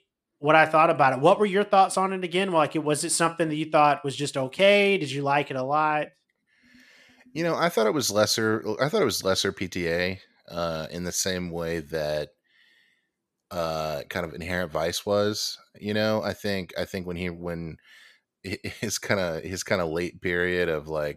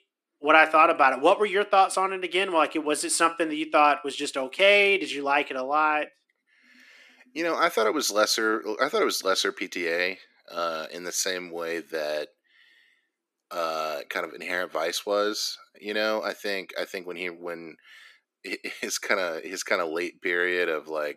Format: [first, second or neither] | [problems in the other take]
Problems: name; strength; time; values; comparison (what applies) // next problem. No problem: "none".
first | thin; somewhat; fading below 300 Hz